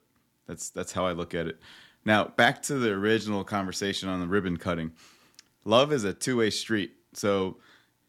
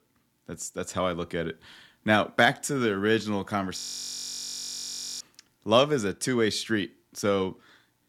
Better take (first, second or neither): first